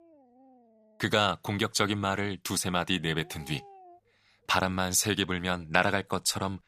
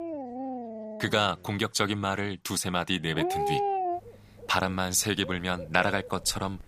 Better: first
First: animal sounds; faint; throughout; 30 dB below the speech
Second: animal sounds; loud; throughout; 6 dB below the speech

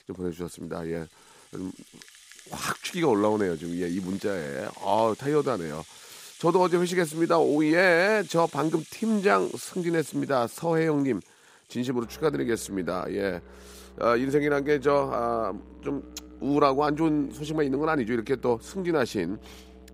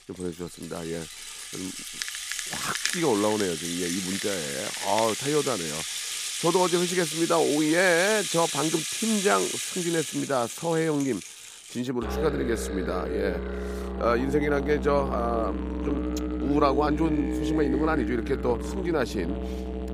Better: first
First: background music; faint; throughout; 20 dB below the speech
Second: background music; loud; throughout; 4 dB below the speech

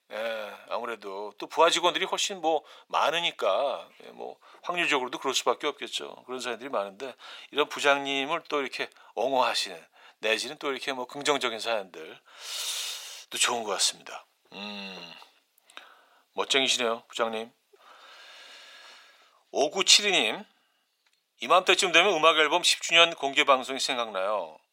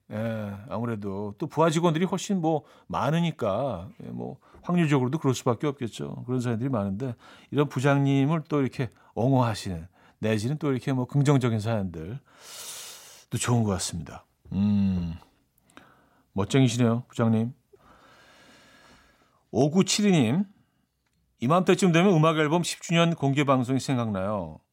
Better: second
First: thin; very; fading below 500 Hz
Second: none

